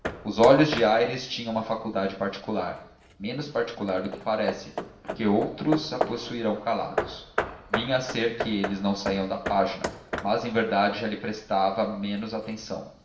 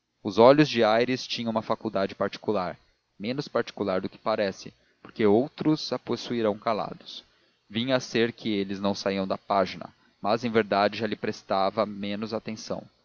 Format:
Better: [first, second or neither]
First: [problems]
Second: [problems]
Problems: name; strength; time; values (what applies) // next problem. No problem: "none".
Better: second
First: background sound (Hammer / Wood); 9 dB below the speech // room echo; dies away in 0.7 s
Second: none